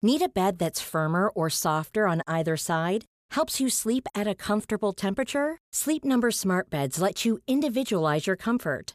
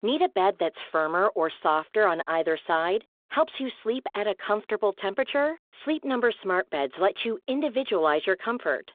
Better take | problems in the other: first | phone-call audio

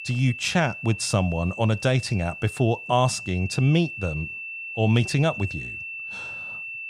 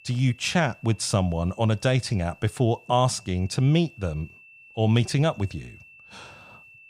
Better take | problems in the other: second | high-pitched whine; loud; throughout; 2.5 kHz, 10 dB below the speech; faint in the second

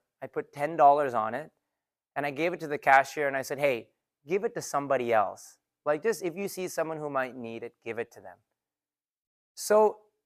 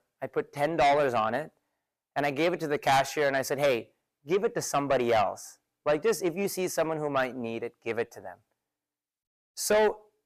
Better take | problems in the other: first | distortion; heavy; 6 dB below the speech

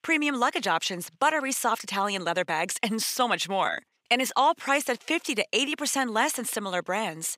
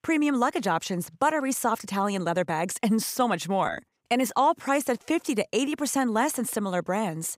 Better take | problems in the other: second | thin; very slightly; fading below 700 Hz

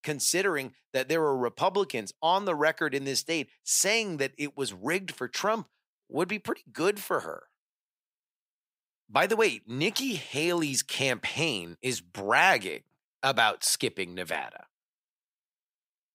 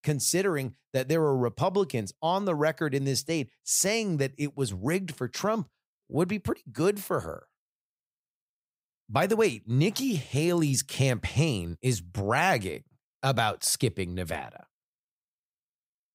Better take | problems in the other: second | thin; somewhat; fading below 250 Hz

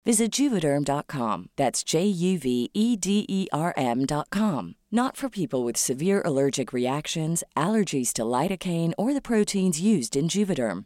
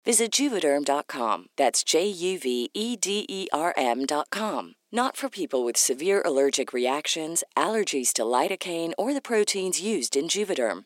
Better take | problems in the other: first | thin; somewhat; fading below 300 Hz

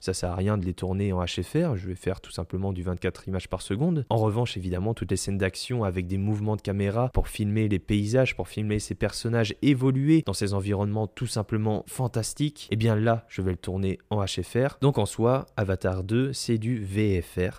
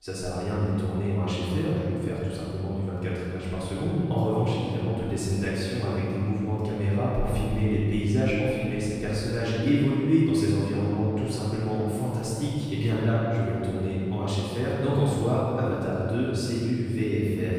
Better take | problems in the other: first | room echo; strong; dies away in 2.4 s // off-mic speech; far

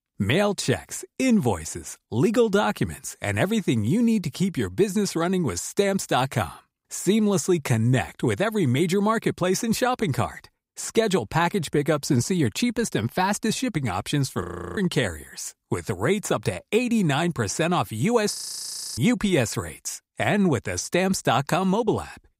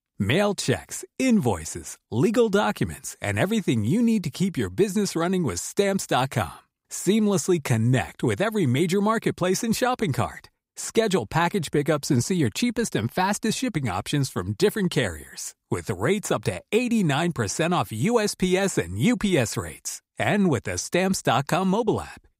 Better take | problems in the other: second | audio freezing; at 14 s and at 18 s for 0.5 s

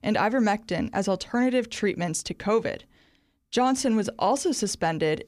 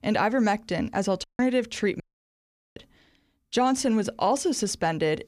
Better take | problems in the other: first | audio cutting out; at 1 s and at 2 s for 1 s

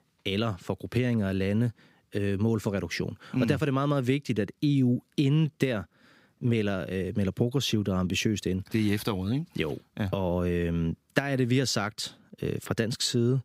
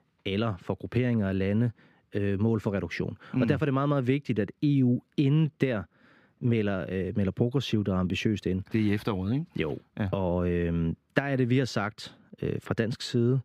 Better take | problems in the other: first | muffled; slightly; fading above 4 kHz

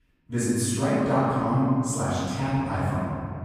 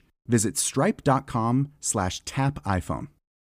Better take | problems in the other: second | off-mic speech; far // room echo; strong; dies away in 2.4 s

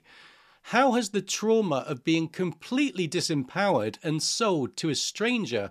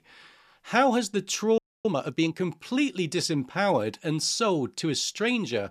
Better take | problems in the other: first | audio freezing; at 1.5 s

